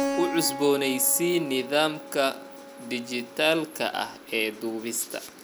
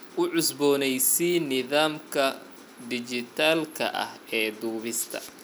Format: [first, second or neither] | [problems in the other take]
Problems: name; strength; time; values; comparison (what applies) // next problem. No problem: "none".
second | background sound (Keyboard (musical)); 10 dB below the speech